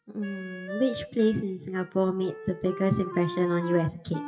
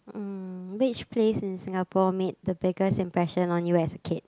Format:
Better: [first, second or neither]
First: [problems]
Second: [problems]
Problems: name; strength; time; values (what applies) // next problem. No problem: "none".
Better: second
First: noise reduction (classical method WPE with log-MMSE)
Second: none